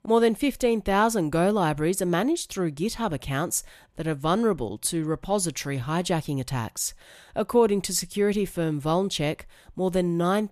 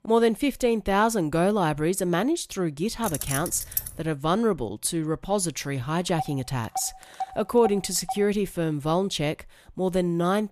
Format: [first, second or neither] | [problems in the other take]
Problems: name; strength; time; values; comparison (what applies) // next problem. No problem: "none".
first | jangling keys; noticeable; at 3 s; peak 4 dB below the speech // phone ringing; faint; from 6 to 8 s; peak 10 dB below the speech